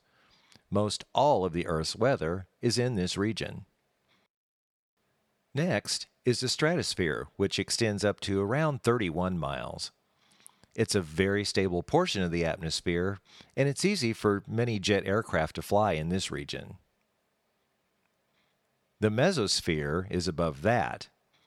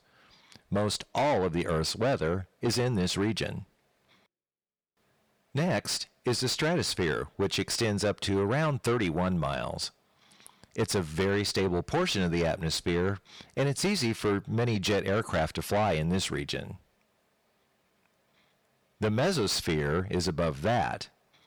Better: first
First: none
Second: distortion; heavy; 8 dB below the speech

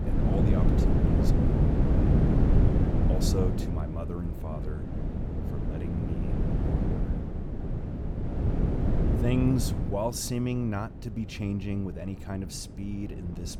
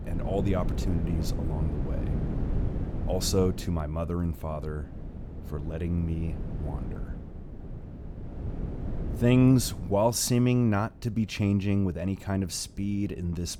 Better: second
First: wind noise on the microphone; heavy; 1 dB above the speech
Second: wind noise on the microphone; occasional gusts; 15 dB below the speech

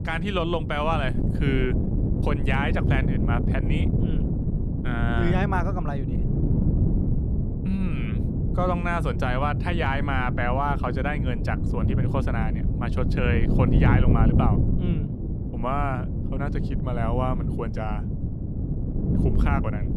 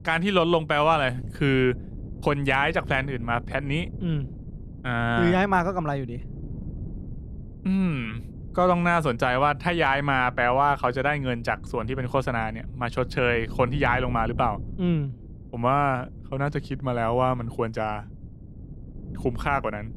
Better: second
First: wind noise on the microphone; heavy; 6 dB below the speech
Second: wind noise on the microphone; occasional gusts; 25 dB below the speech

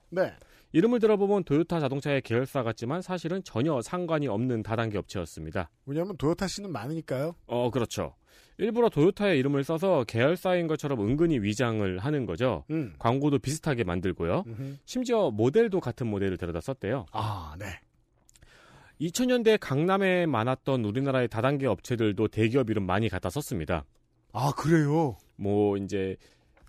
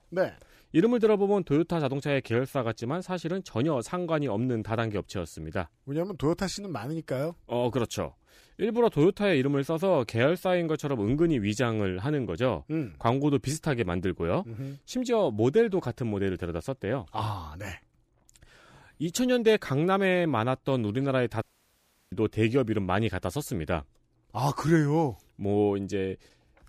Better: first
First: none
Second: audio cutting out; at 21 s for 0.5 s

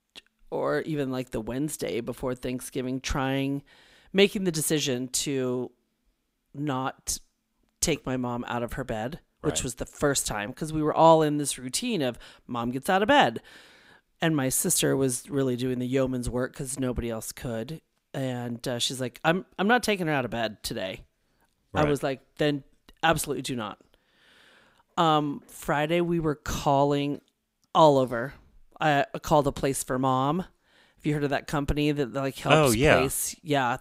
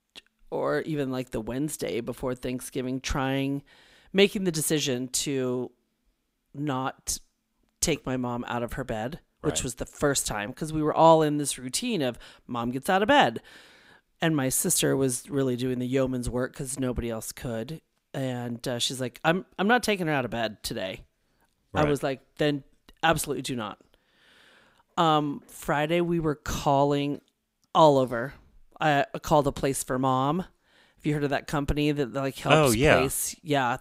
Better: neither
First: none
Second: none

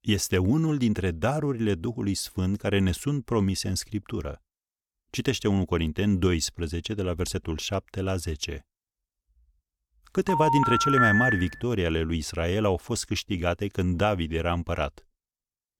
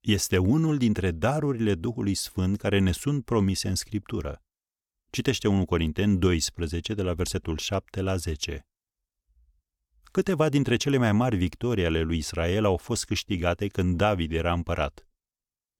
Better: second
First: phone ringing; loud; from 10 to 11 s; peak 6 dB above the speech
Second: none

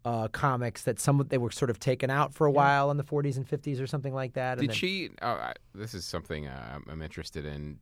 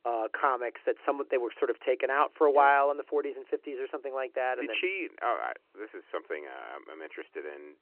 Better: first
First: none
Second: phone-call audio

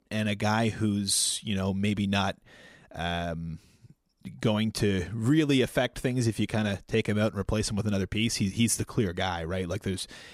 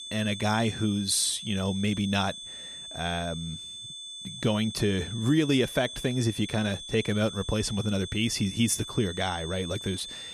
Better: first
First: none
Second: high-pitched whine; loud; throughout; 3.5 kHz, 10 dB below the speech

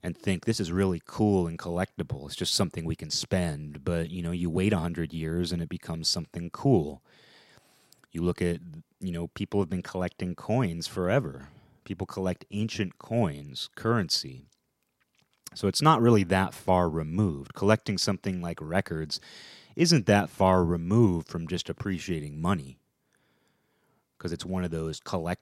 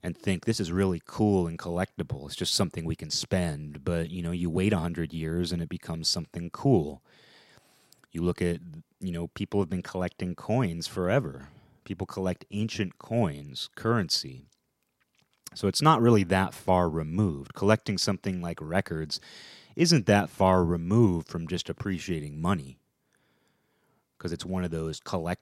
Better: neither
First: none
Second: none

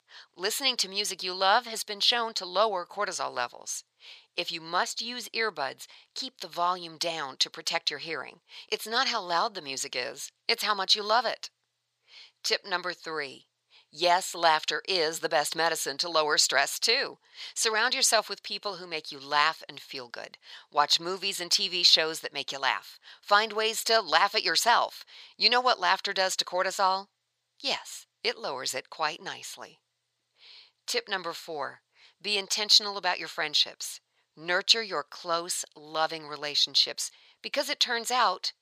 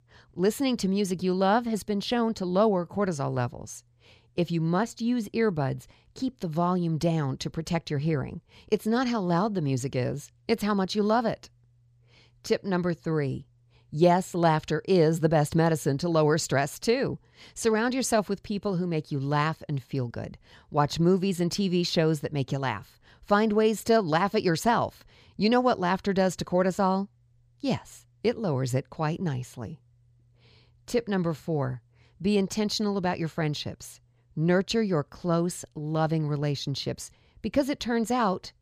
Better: second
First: thin; very; fading below 900 Hz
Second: none

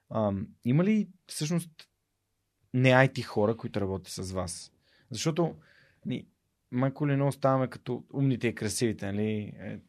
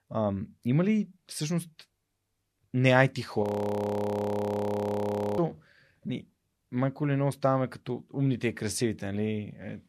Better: first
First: none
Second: audio freezing; at 3.5 s for 2 s

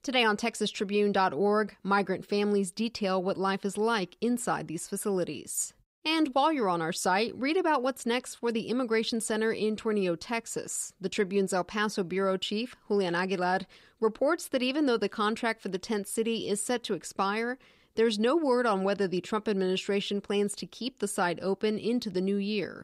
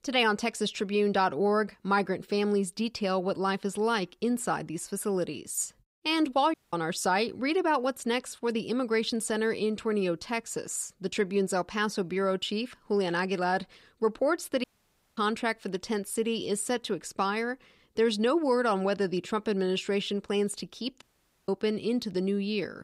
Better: first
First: none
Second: audio cutting out; at 6.5 s, at 15 s for 0.5 s and at 21 s

